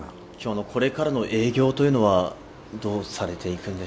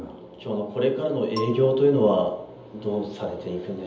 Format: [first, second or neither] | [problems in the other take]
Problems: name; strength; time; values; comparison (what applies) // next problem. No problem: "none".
first | background sound (Marimba, xylophone); 16 dB below the speech // room echo; dies away in 0.7 s